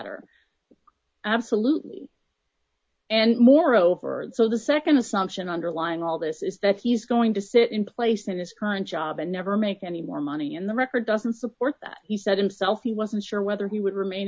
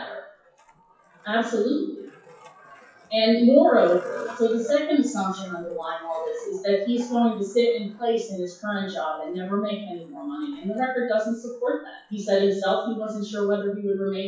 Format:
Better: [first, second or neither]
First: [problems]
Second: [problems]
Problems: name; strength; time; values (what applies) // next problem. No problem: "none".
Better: first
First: none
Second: noise reduction (classical method WPE with log-MMSE)